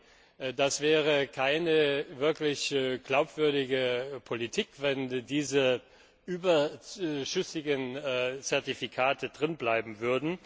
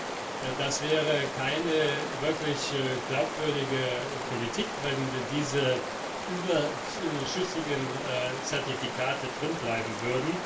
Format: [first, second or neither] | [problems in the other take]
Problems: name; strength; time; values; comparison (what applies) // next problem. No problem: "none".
first | background sound (Stream); 4 dB below the speech // room echo; dies away in 0.3 s